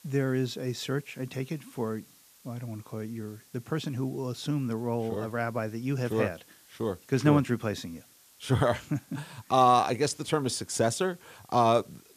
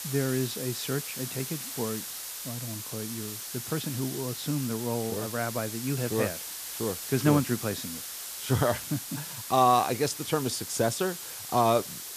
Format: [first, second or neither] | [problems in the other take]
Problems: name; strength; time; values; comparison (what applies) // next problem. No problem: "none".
first | hiss; loud; throughout; 6 dB below the speech; faint in the first